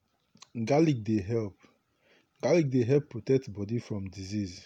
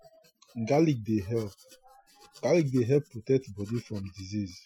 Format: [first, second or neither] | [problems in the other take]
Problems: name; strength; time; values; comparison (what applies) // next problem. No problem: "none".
first | noise reduction (classical method Wiener filter)